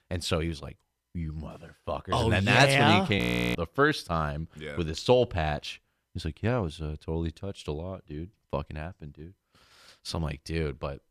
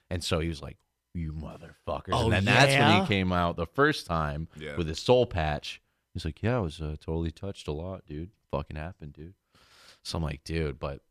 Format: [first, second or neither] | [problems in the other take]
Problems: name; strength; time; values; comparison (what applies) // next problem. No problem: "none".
second | audio freezing; at 3 s